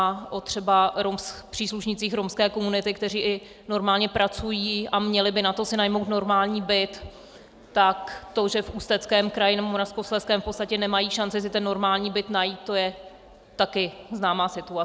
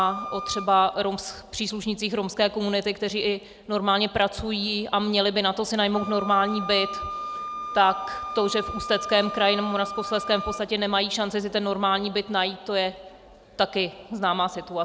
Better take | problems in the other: first | background sound (Wind instrument, woodwind instrument); 12 dB below the speech

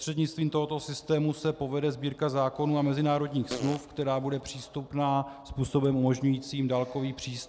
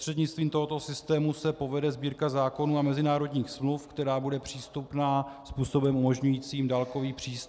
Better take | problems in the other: second | background sound (Fart); 14 dB below the speech

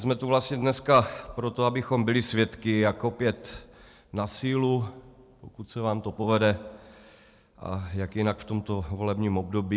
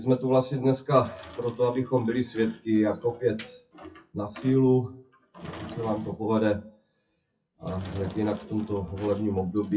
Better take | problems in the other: first | noise reduction (classical method WPE with log-MMSE)

